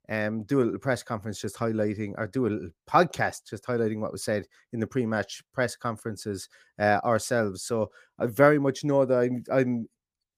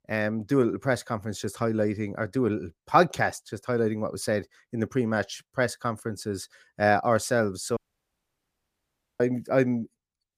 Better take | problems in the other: first | audio cutting out; at 8 s for 1.5 s

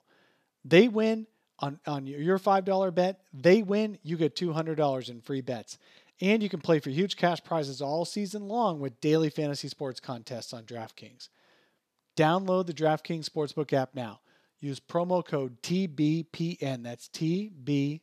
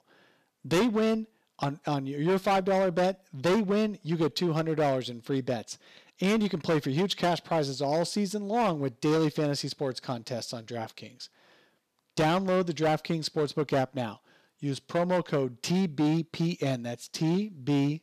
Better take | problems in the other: first | distortion; heavy; 10% of the sound clipped

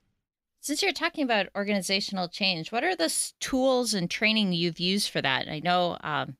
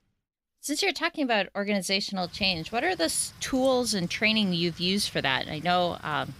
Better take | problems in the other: first | wind noise on the microphone; occasional gusts; from 2 s on; 25 dB below the speech

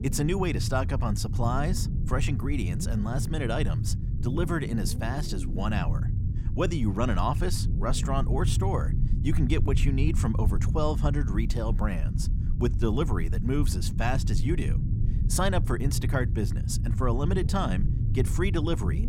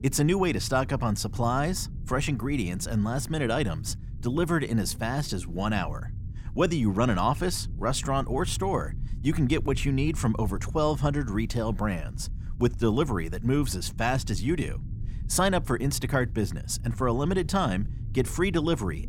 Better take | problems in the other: second | low rumble; loud; throughout; 10 dB below the speech; faint in the second

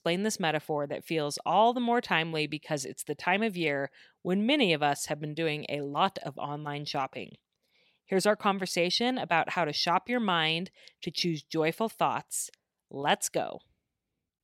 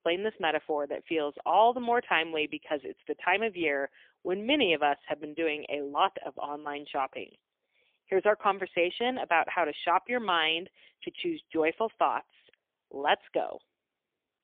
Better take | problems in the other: first | phone-call audio; poor line; nothing above 3.5 kHz

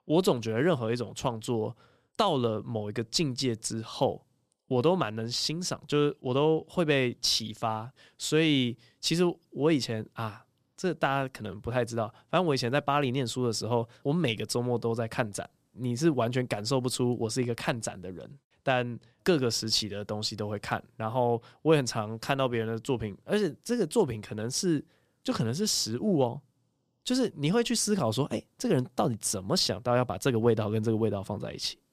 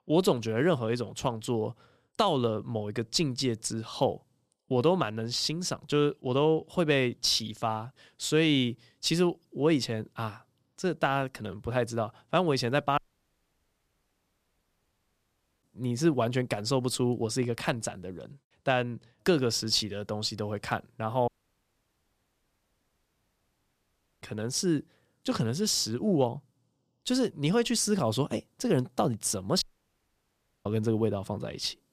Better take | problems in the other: first | audio cutting out; at 13 s for 2.5 s, at 21 s for 3 s and at 30 s for 1 s

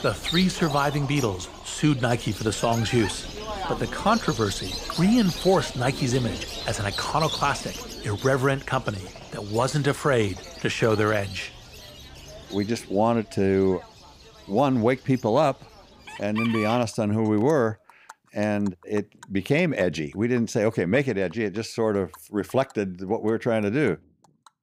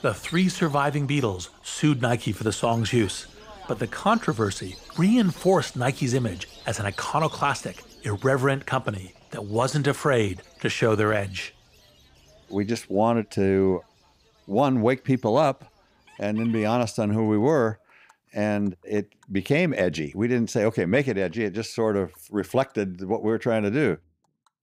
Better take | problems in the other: second | animal sounds; loud; throughout; 10 dB below the speech; faint in the second

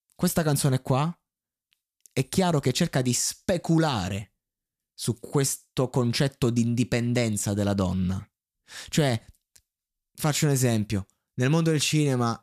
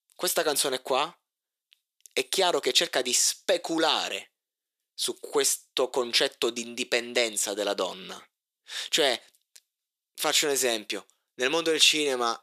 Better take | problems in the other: first | thin; very; fading below 400 Hz

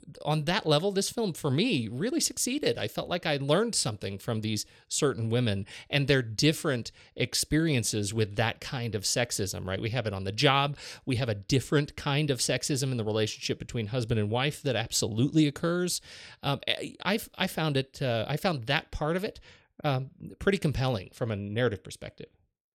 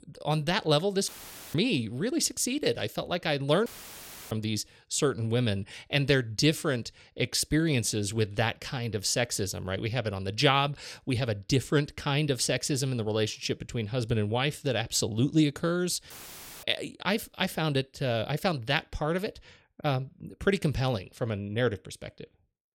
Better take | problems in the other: first | audio cutting out; filled with static; at 1 s, at 3.5 s for 0.5 s and at 16 s for 0.5 s

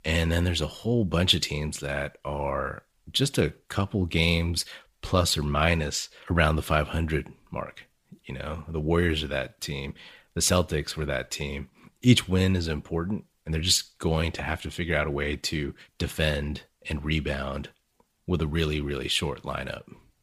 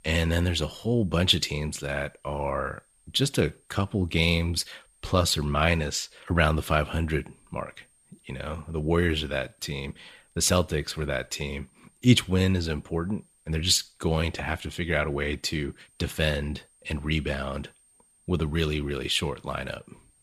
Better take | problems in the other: first | high-pitched whine; faint; throughout; 8.5 kHz, 35 dB below the speech

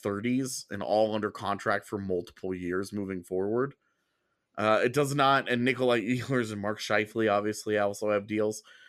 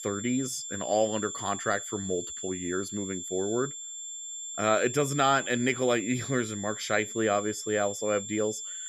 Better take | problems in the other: first | high-pitched whine; loud; throughout; 7.5 kHz, 7 dB below the speech

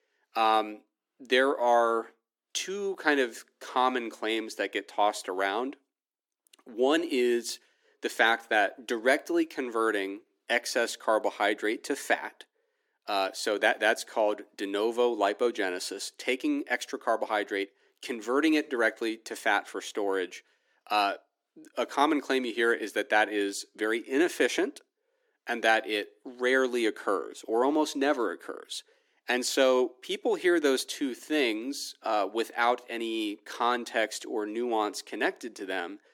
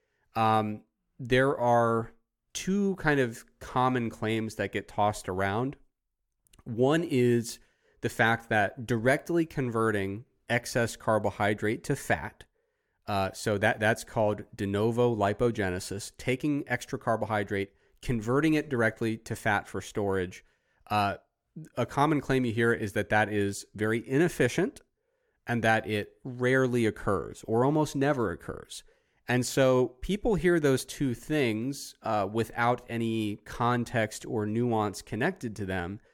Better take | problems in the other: second | thin; somewhat; fading below 300 Hz

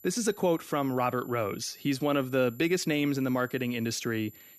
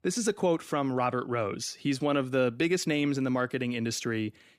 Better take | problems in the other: second | high-pitched whine; faint; throughout; 12 kHz, 20 dB below the speech

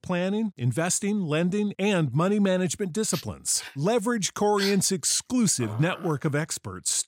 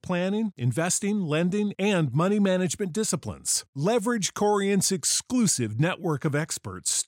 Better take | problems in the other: second | dog barking; noticeable; from 3 to 6 s; peak 6 dB below the speech

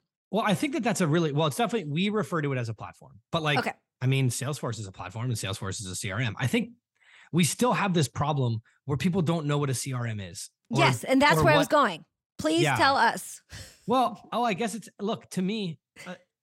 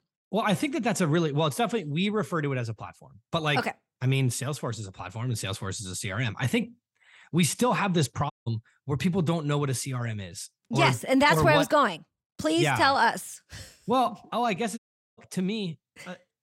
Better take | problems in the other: first | audio cutting out; at 8.5 s and at 15 s

